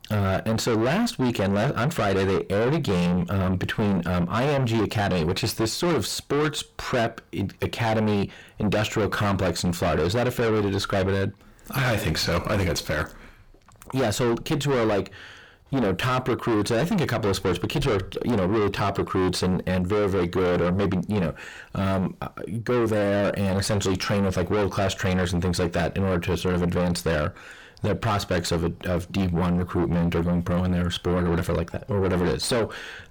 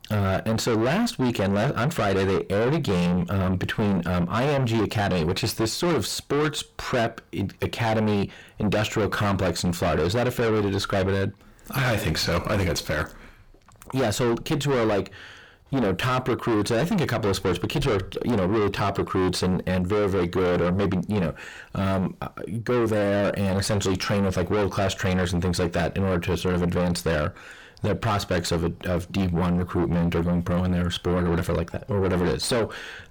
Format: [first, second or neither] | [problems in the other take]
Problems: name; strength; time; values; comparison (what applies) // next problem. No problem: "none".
neither | distortion; heavy; 5 dB below the speech; the same in both